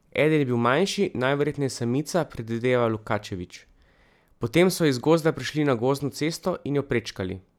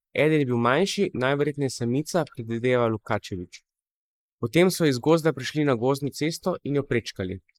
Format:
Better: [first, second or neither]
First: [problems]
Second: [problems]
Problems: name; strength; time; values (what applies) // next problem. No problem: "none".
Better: first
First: none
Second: noise reduction (neural mask model Resemble Enhance denoiser)